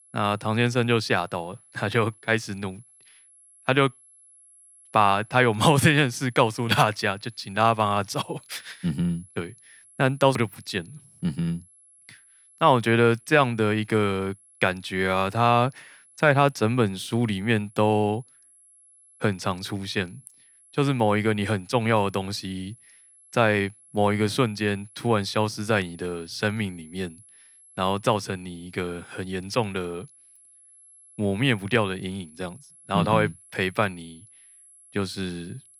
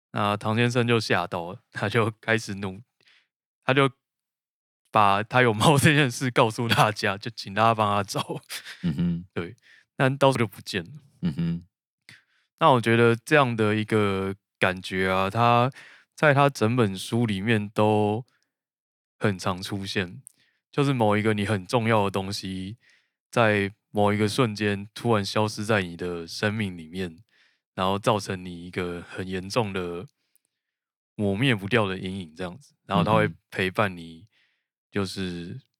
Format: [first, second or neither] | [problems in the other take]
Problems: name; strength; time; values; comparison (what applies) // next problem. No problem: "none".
second | high-pitched whine; faint; throughout; 11 kHz, 25 dB below the speech